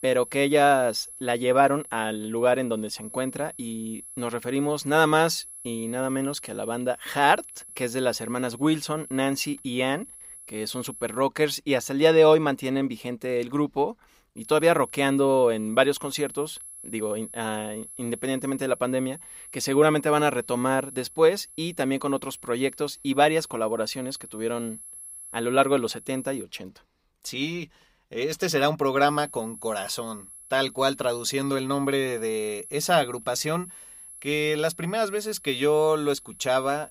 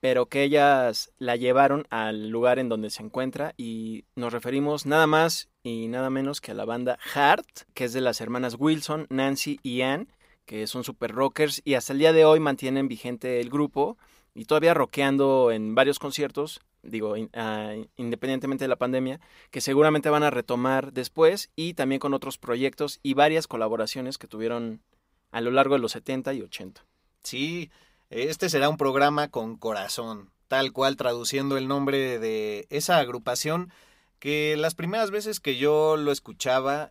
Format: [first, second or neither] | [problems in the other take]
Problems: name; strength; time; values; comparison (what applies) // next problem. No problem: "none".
second | high-pitched whine; noticeable; until 11 s, from 14 to 26 s and from 29 s on; 11 kHz, 15 dB below the speech